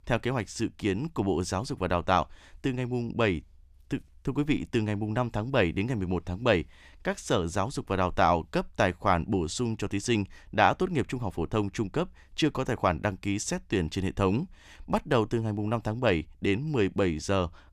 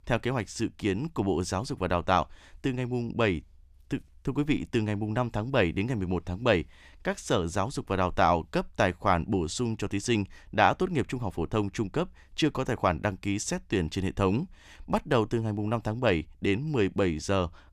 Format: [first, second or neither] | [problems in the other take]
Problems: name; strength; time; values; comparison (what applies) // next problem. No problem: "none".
neither | none